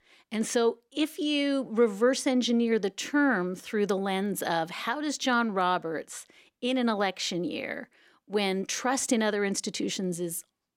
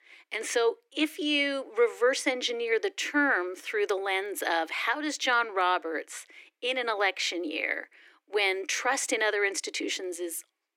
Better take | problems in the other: first | thin; somewhat; fading below 300 Hz

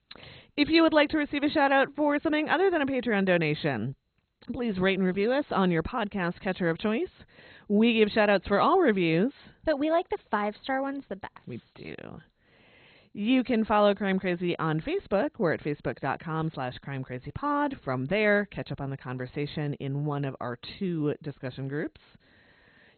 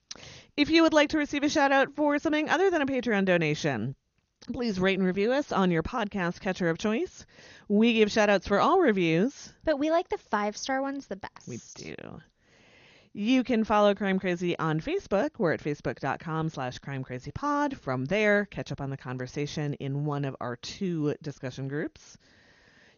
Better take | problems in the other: second | garbled, watery; badly; nothing above 4 kHz; slightly in the second

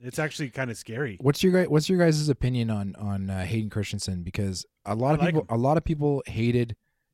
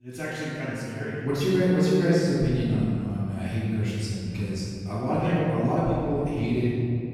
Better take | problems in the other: first | off-mic speech; far // room echo; strong; dies away in 2.2 s

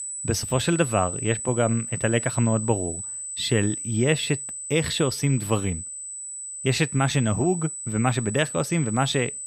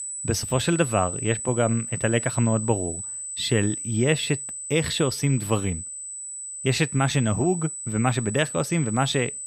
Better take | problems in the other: neither | high-pitched whine; loud; throughout; 8 kHz, 6 dB below the speech; the same in both

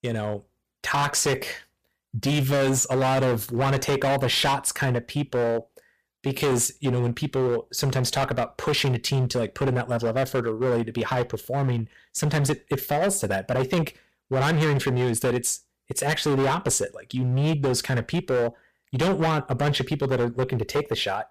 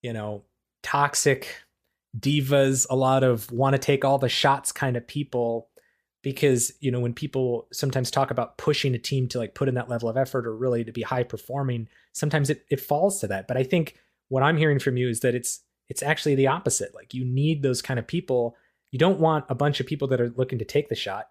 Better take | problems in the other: second | distortion; heavy; 18% of the sound clipped

